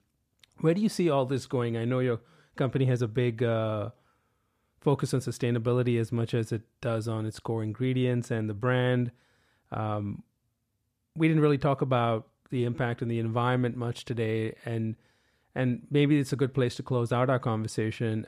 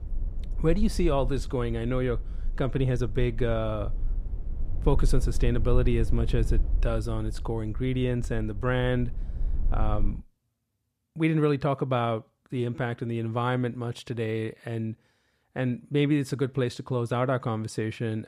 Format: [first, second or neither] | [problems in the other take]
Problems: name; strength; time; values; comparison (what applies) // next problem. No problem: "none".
first | low rumble; faint; until 10 s; 20 dB below the speech